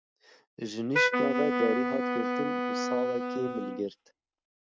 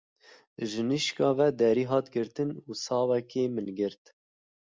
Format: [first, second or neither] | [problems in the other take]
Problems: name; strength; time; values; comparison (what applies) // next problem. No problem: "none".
second | noise reduction (neural mask model RNNoise)